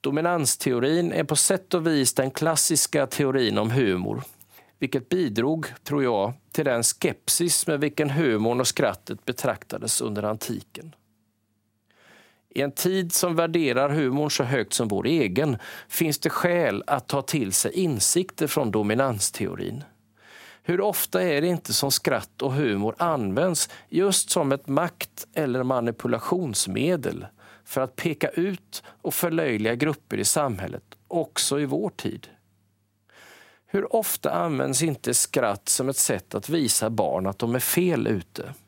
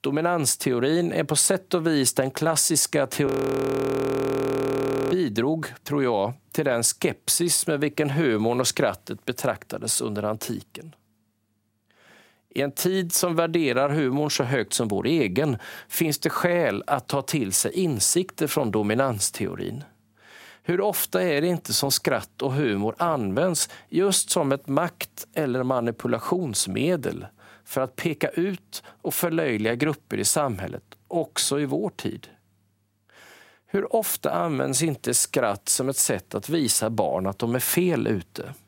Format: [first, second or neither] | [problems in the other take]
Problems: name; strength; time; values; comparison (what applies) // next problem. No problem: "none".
first | audio freezing; at 3.5 s for 2 s